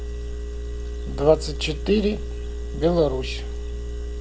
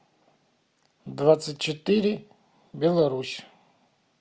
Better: second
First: background sound (Engine); 4 dB below the speech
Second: none

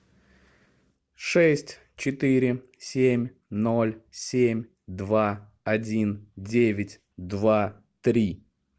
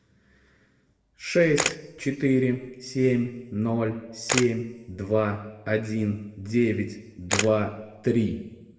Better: first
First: none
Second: background sound (Camera); 7 dB below the speech // room echo; dies away in 1 s

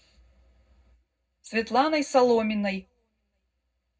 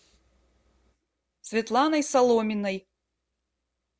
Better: second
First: room echo; dies away in 0.3 s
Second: none

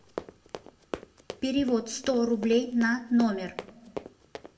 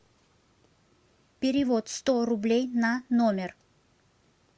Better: second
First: background sound (Run); 14 dB below the speech // room echo; dies away in 1 s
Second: none

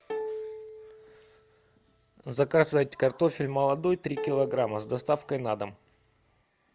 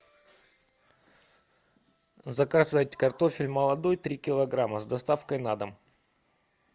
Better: second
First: background sound (Plucked string instrument); 11 dB below the speech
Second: none

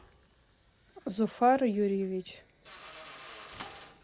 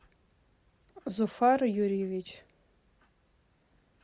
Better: second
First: background sound (Thump, thud / Bicycle + Drill); 19 dB below the speech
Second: none

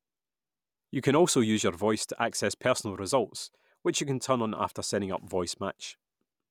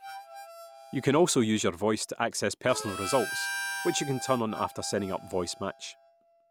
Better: first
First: none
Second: background sound (Harmonica); 10 dB below the speech

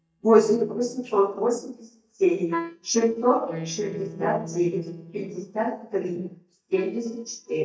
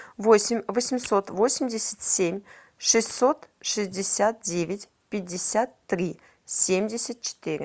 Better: second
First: noise reduction (neural mask model DeepFilterNet 3)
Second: none

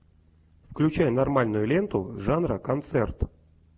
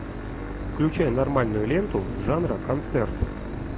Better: first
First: none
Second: background sound (Engine / Boat, Water vehicle); 5 dB below the speech

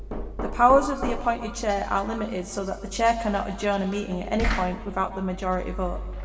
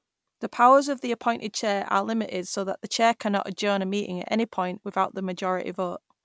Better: second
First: background sound (Knock); 7 dB below the speech // room echo; dies away in 1.9 s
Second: none

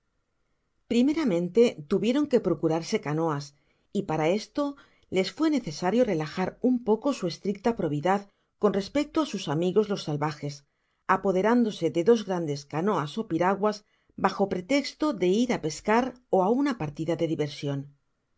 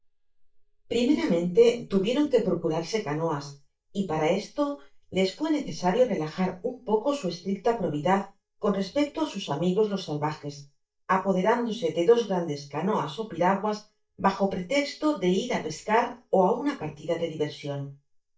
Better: first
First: none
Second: noise reduction (neural mask model DeepFilterNet 3)

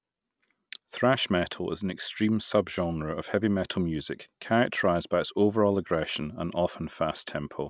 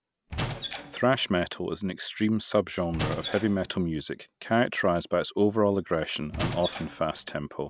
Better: first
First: none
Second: background sound (Squeak / Wood); 8 dB below the speech

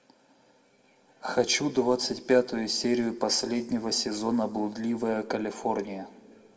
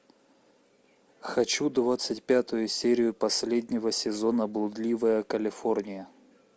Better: second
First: room echo; dies away in 1.3 s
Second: none

